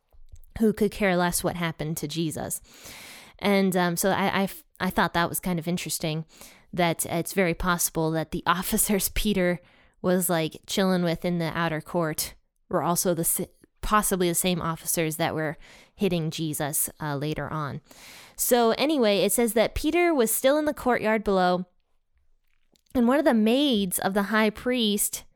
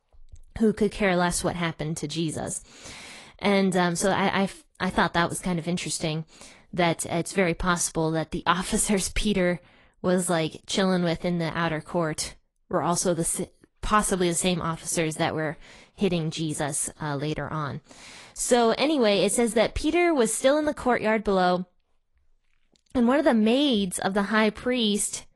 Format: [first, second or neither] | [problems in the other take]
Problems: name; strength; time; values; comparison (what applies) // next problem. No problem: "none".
first | garbled, watery; slightly; nothing above 11.5 kHz